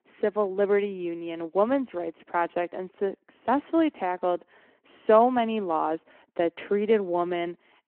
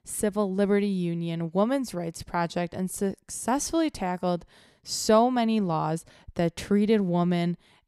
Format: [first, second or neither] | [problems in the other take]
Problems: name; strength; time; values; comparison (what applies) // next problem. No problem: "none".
second | phone-call audio